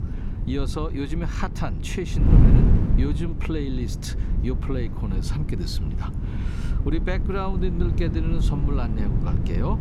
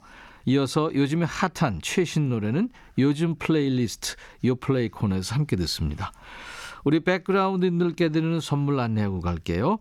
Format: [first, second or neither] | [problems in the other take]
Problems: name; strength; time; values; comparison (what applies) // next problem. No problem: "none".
second | wind noise on the microphone; heavy; 3 dB below the speech